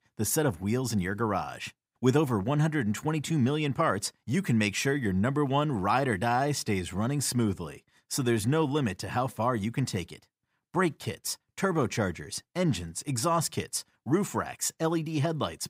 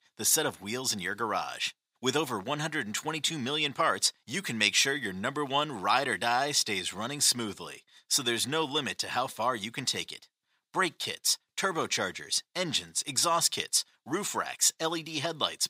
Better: first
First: none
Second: thin; somewhat; fading below 800 Hz

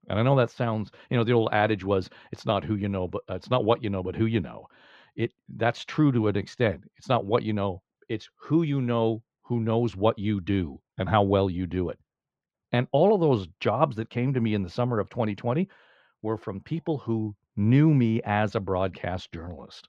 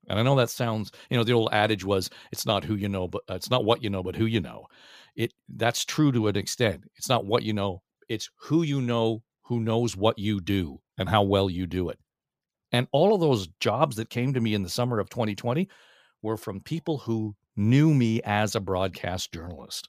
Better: second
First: muffled; slightly; fading above 2.5 kHz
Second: none

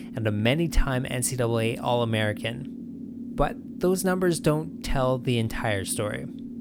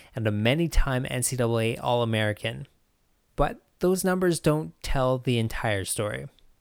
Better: second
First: low rumble; noticeable; throughout; 15 dB below the speech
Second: none

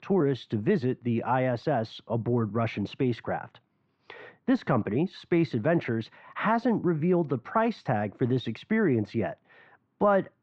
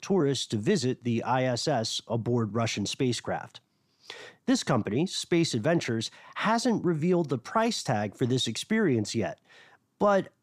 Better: second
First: muffled; very; fading above 2.5 kHz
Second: none

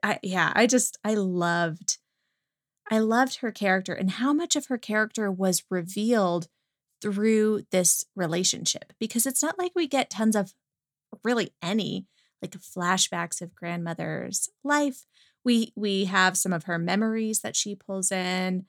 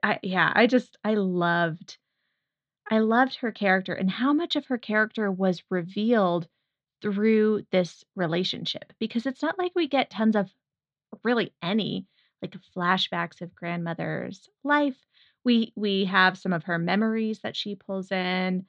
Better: first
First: none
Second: muffled; slightly; fading above 4 kHz

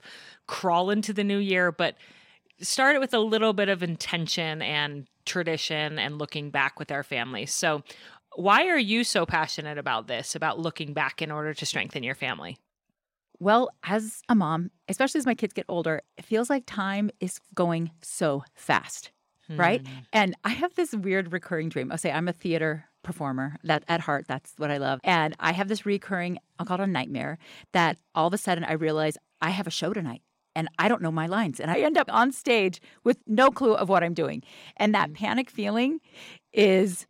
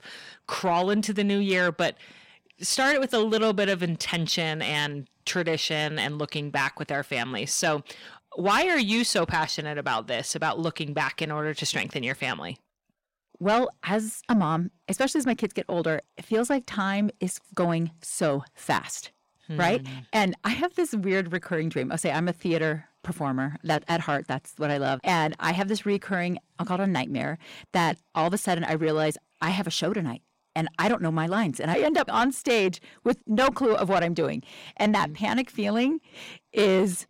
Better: first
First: none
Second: distortion; slight; 10 dB below the speech

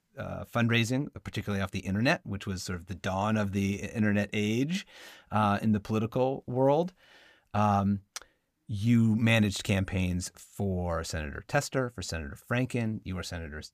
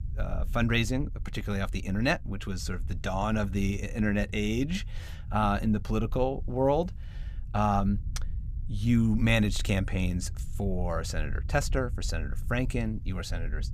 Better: first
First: none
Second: low rumble; faint; throughout; 25 dB below the speech

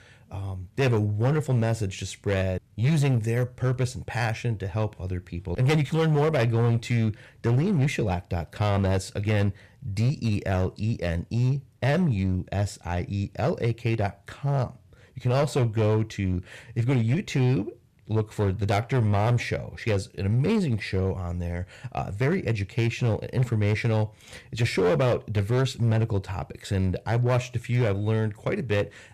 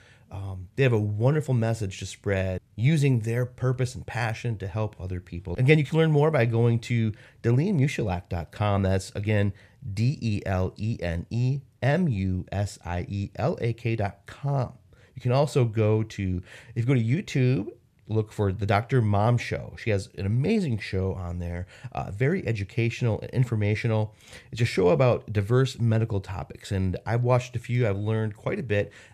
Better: second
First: distortion; slight; 8% of the sound clipped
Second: none

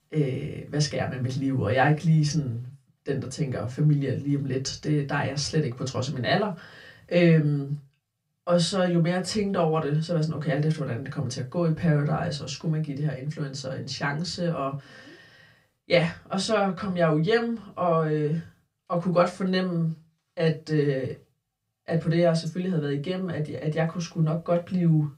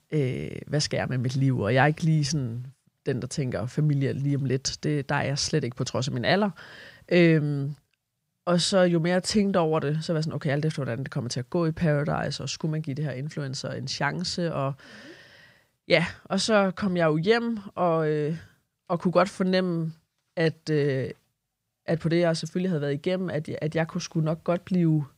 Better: second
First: off-mic speech; far // room echo; very slight; dies away in 0.2 s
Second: none

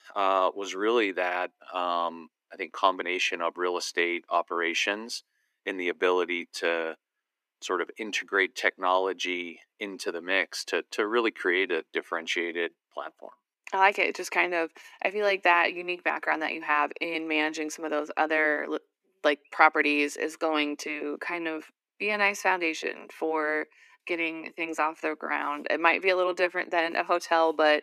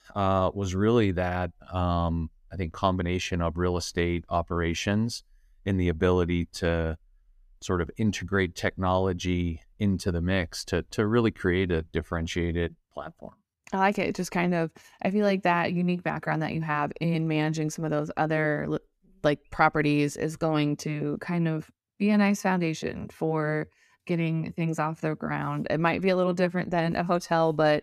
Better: second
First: thin; very; fading below 300 Hz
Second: none

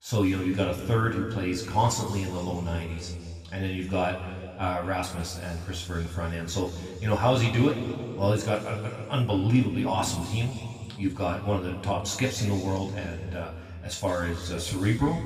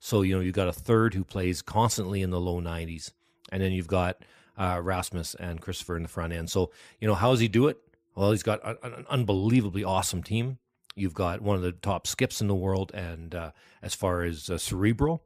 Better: second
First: room echo; noticeable; dies away in 2.2 s // off-mic speech; far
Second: none

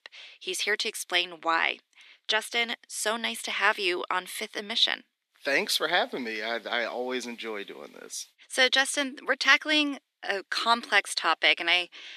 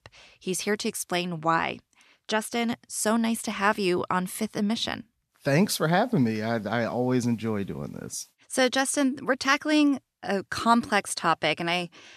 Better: second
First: thin; somewhat; fading below 300 Hz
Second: none

